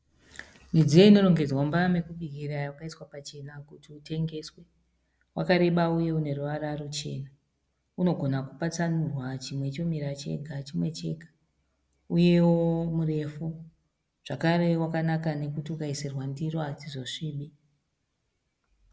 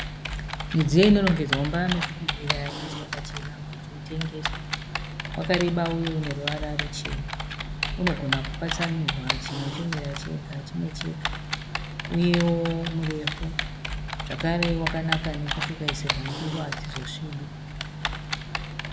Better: first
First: none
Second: background sound (Typing); 3 dB below the speech

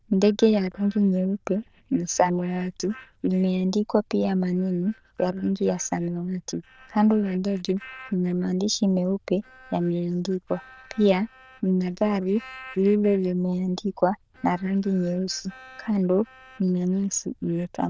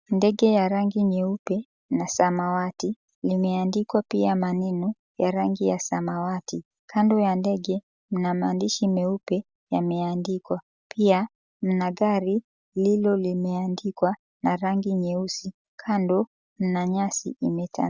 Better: second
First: noise reduction (neural diffusion model UNIVERSE++)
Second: none

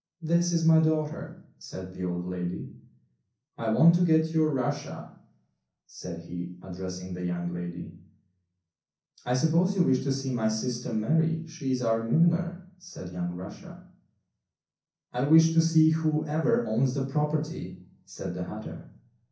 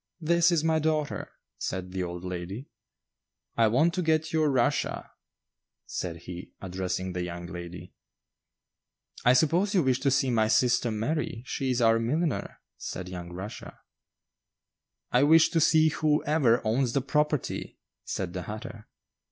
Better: second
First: room echo; dies away in 0.6 s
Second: none

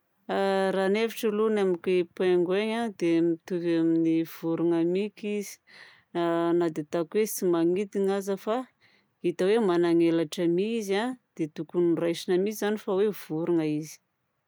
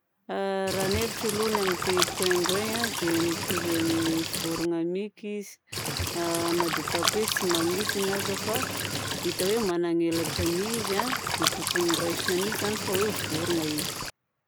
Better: first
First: none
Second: background sound (Cricket / Water); 1 dB below the speech

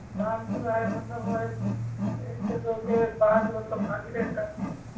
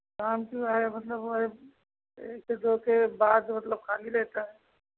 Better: second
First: background sound (Wild animals); 3 dB below the speech // room echo; dies away in 0.3 s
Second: none

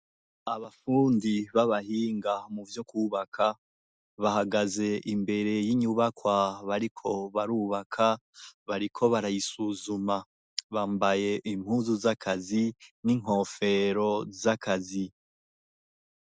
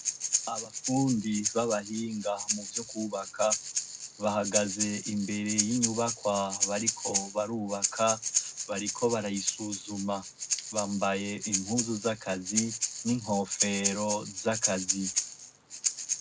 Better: first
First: none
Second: background sound (Breathing); 2 dB below the speech // room echo; dies away in 0.3 s

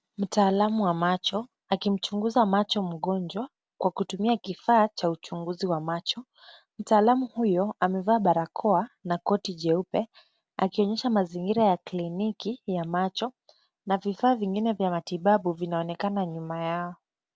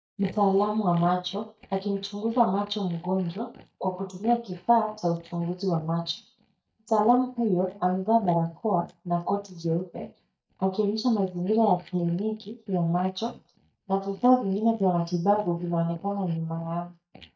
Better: first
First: none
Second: noise reduction (neural mask model DeepFilterNet 3)

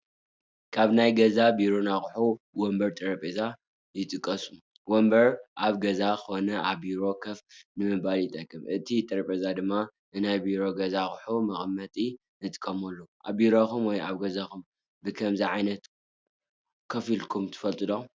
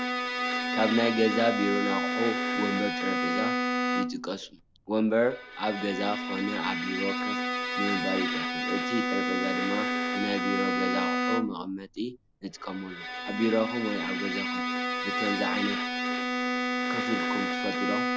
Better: first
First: none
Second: background sound (Bowed string instrument); 1 dB above the speech

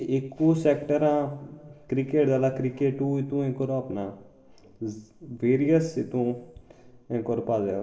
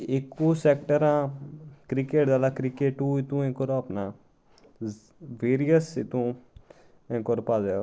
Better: second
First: room echo; dies away in 2.3 s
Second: none

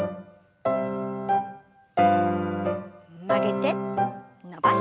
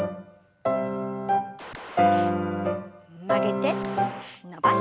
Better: first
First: none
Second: background sound (Gunshot, gunfire); 16 dB below the speech

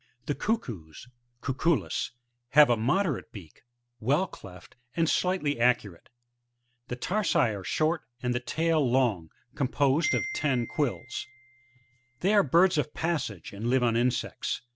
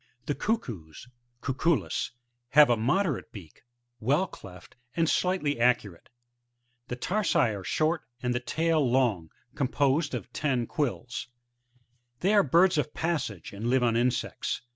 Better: second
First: background sound (Marimba, xylophone); 12 dB below the speech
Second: none

